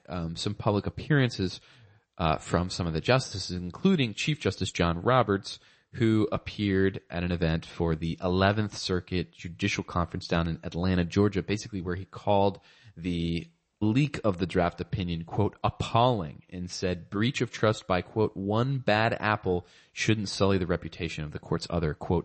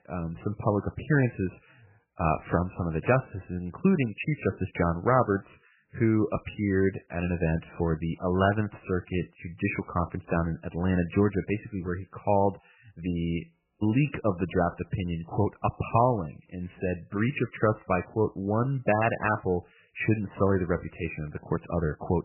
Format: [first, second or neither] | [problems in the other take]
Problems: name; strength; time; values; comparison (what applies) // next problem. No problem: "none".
first | garbled, watery; badly; nothing above 3 kHz; slightly in the first